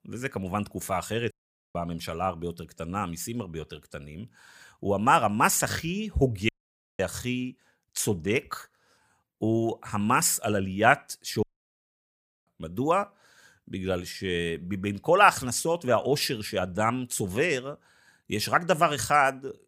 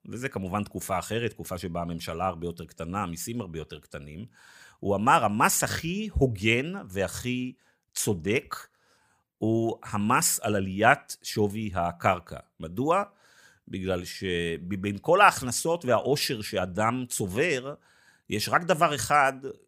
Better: second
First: audio cutting out; at 1.5 s, at 6.5 s for 0.5 s and at 11 s for 1 s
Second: none

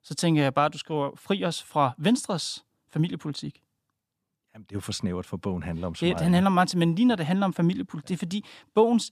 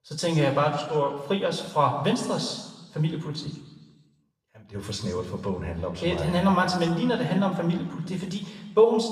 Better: first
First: none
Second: room echo; noticeable; dies away in 1.2 s // off-mic speech; somewhat distant

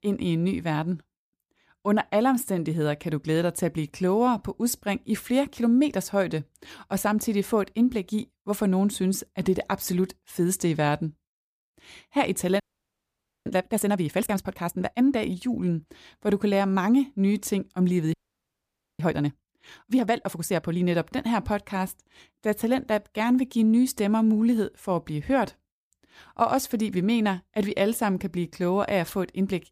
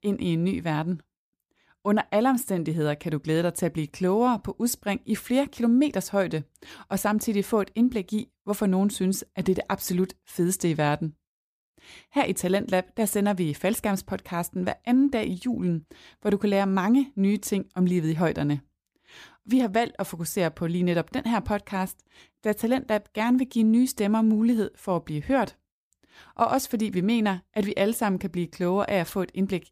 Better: second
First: audio freezing; at 13 s for 1 s and at 18 s for 1 s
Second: none

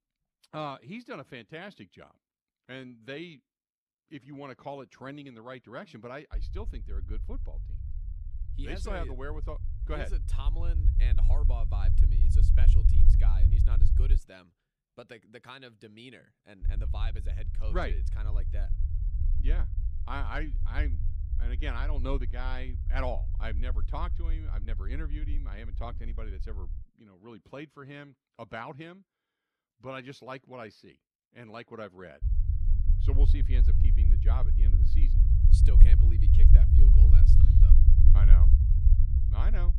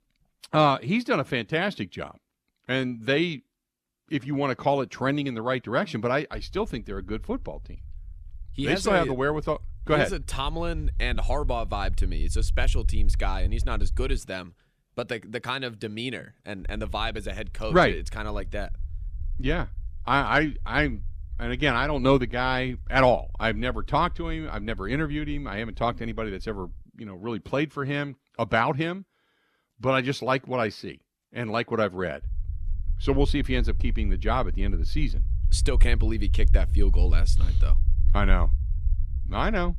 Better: second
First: low rumble; loud; from 6.5 to 14 s, from 17 to 27 s and from 32 s on; 4 dB below the speech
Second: low rumble; faint; from 6.5 to 14 s, from 17 to 27 s and from 32 s on; 25 dB below the speech

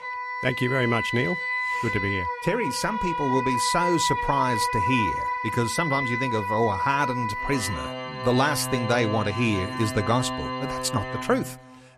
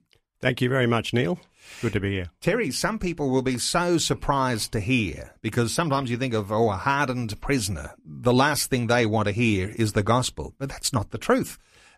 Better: second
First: background music; loud; throughout; 2 dB below the speech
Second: none

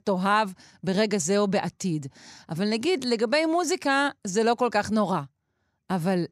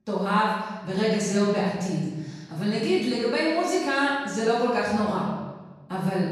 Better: first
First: none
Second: off-mic speech; far // room echo; strong; dies away in 1.2 s

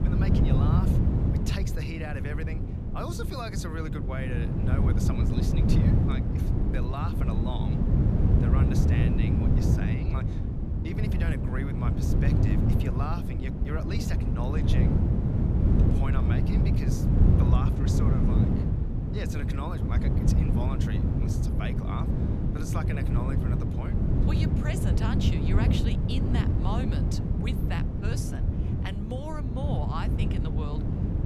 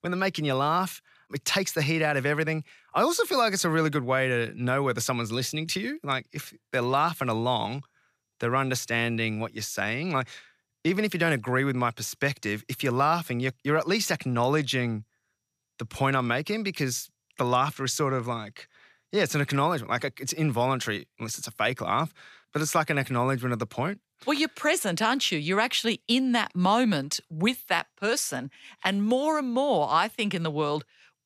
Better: second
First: wind noise on the microphone; heavy; 2 dB above the speech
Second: none

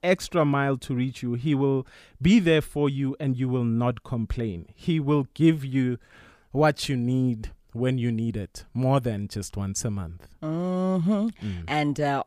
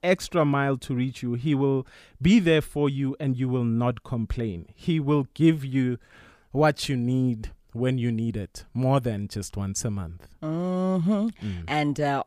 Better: neither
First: none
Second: none

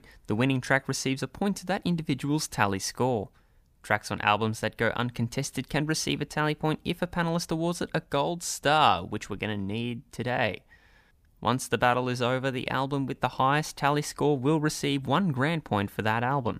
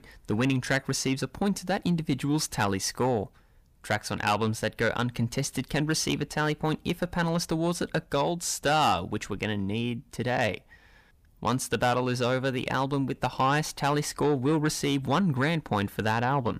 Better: first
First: none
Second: distortion; slight; 10 dB below the speech

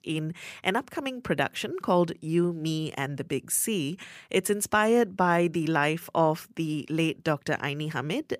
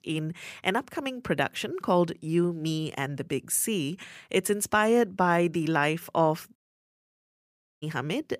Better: first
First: none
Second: audio cutting out; at 6.5 s for 1.5 s

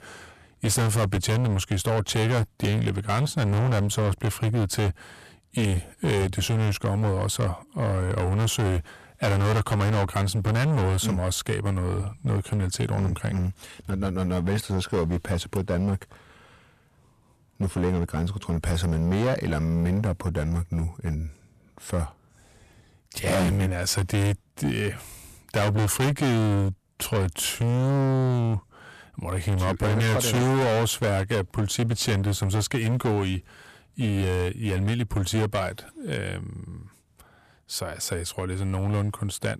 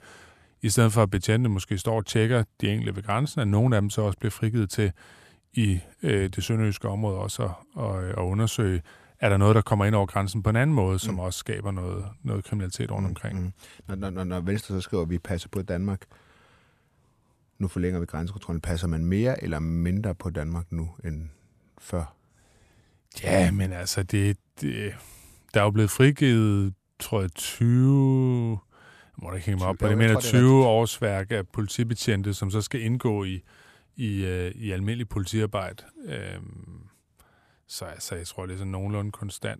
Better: second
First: distortion; heavy; 19% of the sound clipped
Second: none

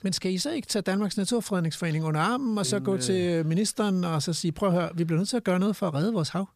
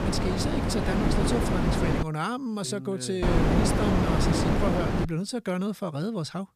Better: first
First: none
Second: wind noise on the microphone; heavy; until 2 s and from 3 to 5 s; 3 dB above the speech

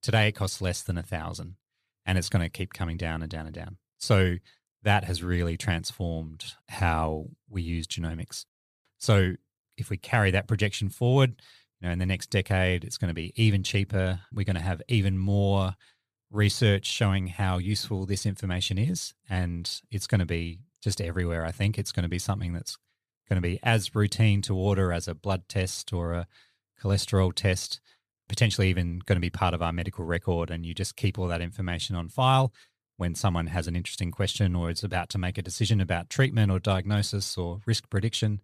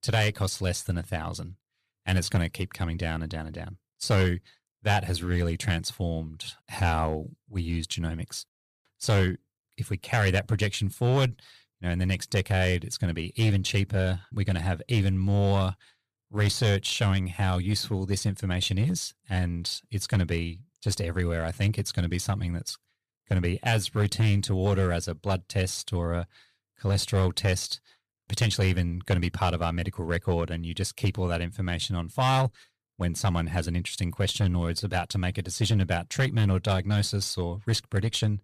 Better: first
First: none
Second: distortion; slight; 5% of the sound clipped

